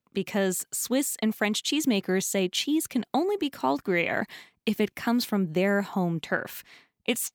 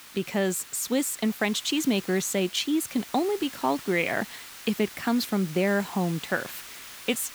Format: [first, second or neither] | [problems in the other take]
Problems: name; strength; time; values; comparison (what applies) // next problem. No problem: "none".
first | hiss; noticeable; throughout; 15 dB below the speech